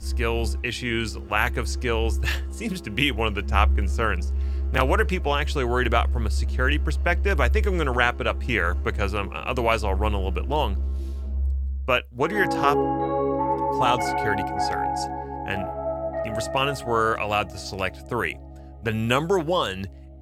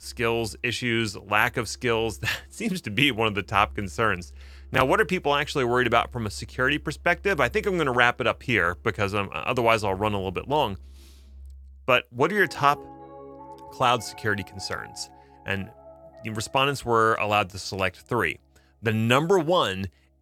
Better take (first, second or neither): second